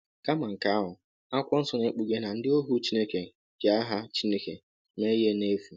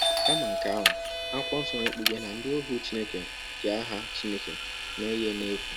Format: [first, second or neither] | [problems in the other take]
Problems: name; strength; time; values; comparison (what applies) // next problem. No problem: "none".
first | background sound (Doorbell + Vehicle); 2 dB above the speech